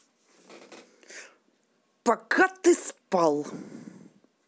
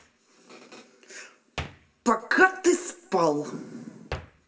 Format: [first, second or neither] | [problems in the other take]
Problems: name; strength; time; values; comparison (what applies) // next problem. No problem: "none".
first | background sound (Hands); 17 dB below the speech // room echo; dies away in 0.8 s